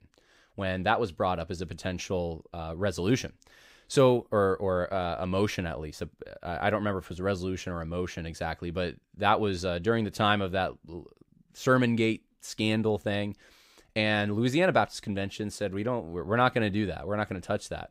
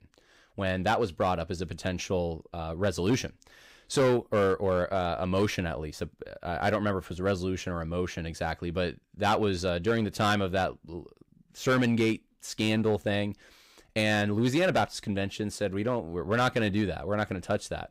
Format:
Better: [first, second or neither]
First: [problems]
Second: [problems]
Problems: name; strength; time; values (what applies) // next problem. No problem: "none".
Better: first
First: none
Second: distortion; slight; 4% of the sound clipped